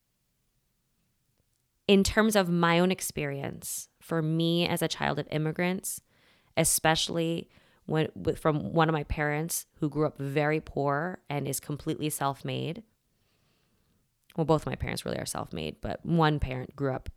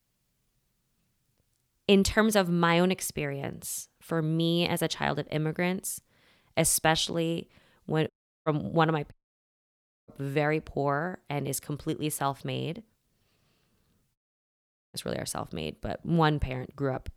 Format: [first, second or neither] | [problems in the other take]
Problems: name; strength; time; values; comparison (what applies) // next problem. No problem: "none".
first | audio cutting out; at 8 s, at 9 s for 1 s and at 14 s for 1 s